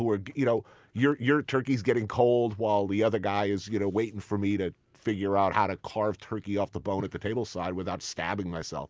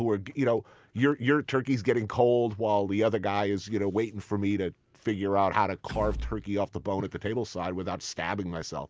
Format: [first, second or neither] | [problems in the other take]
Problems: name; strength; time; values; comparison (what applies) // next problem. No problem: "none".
first | background sound (Door / Wood); 11 dB below the speech